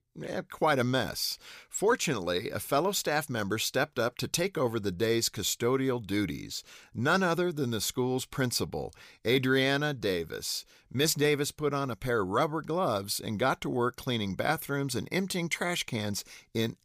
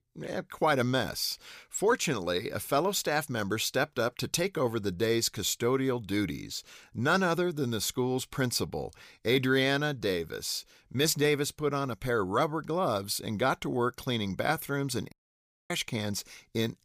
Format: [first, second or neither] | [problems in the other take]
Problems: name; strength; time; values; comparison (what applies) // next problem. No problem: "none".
first | audio cutting out; at 15 s for 0.5 s